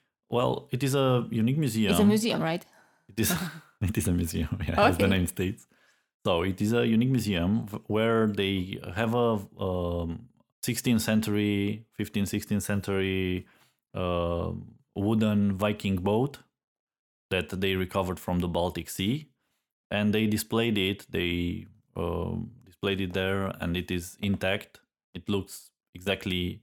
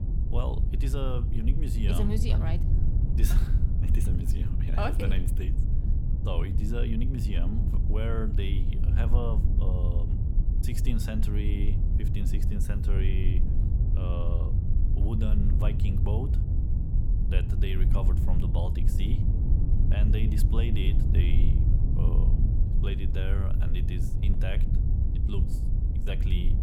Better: first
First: none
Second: low rumble; loud; throughout; 3 dB below the speech

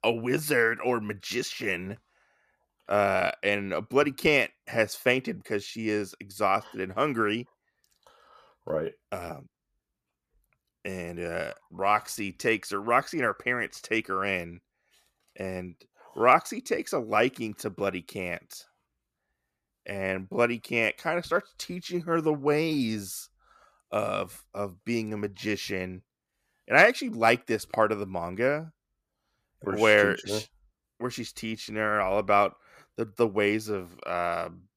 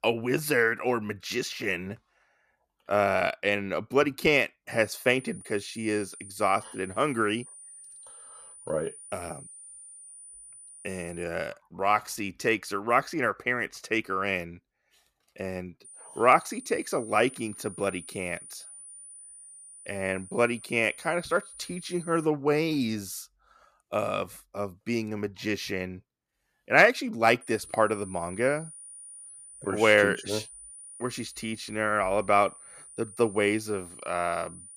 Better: first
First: none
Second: high-pitched whine; noticeable; from 4.5 to 11 s, from 16 to 22 s and from 27 s on; 9.5 kHz, 15 dB below the speech

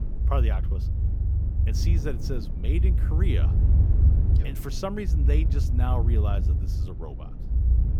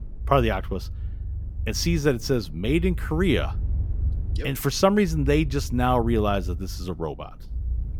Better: second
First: low rumble; loud; throughout; 5 dB below the speech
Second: low rumble; faint; throughout; 25 dB below the speech

